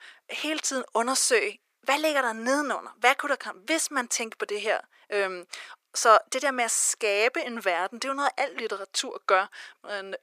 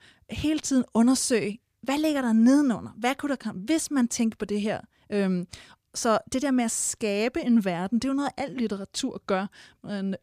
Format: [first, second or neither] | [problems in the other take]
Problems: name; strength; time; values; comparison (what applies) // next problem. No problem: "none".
second | thin; very; fading below 400 Hz